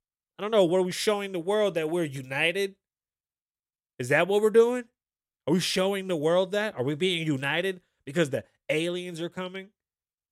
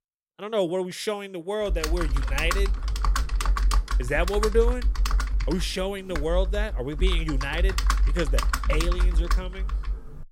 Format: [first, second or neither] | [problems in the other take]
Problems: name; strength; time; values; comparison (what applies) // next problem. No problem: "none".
first | keyboard typing; loud; from 1.5 s on; peak 5 dB above the speech